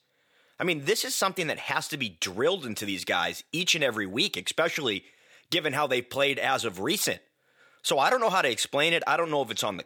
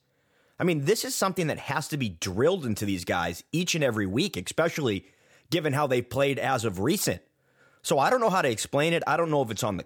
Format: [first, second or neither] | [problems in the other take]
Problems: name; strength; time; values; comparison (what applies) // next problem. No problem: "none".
second | thin; very slightly; fading below 800 Hz